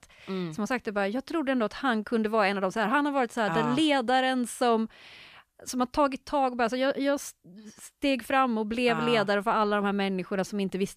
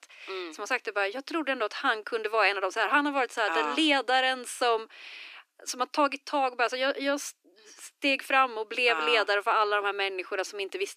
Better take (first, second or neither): first